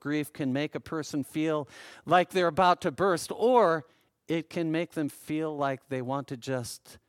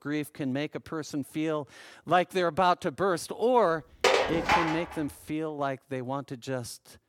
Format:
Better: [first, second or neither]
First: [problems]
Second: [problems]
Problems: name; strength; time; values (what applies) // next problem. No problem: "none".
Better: first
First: none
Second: clattering dishes; loud; at 4 s; peak 6 dB above the speech